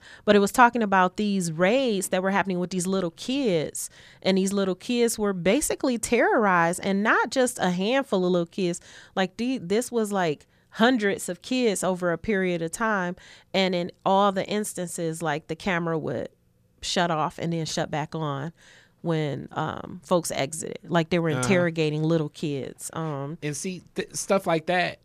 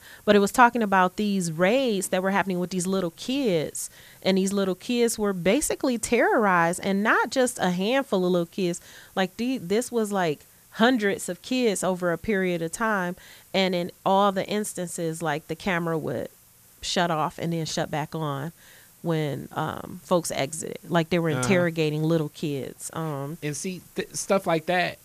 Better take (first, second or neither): first